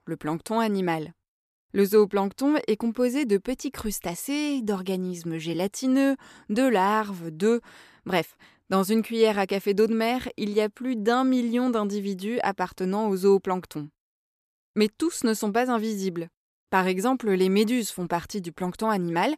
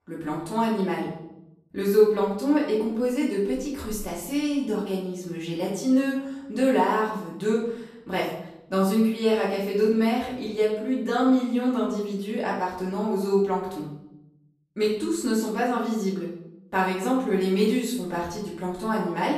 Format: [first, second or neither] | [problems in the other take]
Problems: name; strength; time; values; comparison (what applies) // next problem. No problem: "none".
first | off-mic speech; far // room echo; noticeable; dies away in 0.7 s